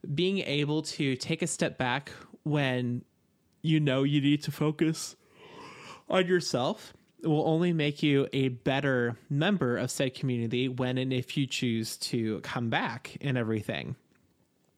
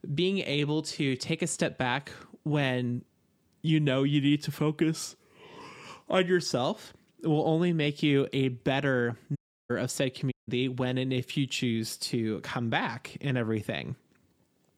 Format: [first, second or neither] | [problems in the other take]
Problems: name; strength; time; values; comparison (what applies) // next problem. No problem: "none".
first | audio cutting out; at 9.5 s and at 10 s